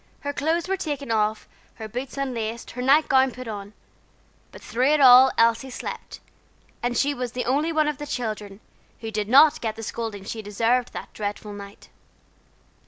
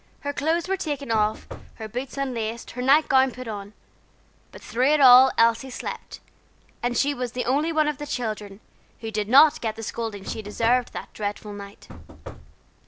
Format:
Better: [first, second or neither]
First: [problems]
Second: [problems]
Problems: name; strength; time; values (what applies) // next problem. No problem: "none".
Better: first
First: none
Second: background sound (Knock / Wood); 14 dB below the speech